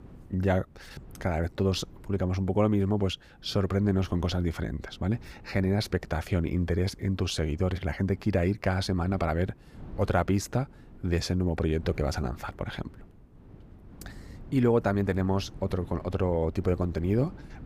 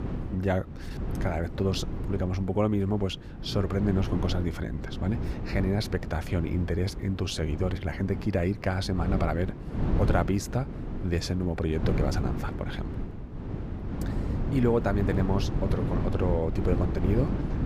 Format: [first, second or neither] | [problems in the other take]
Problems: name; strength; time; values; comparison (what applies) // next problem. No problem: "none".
first | wind noise on the microphone; heavy; 8 dB below the speech; occasional gusts in the first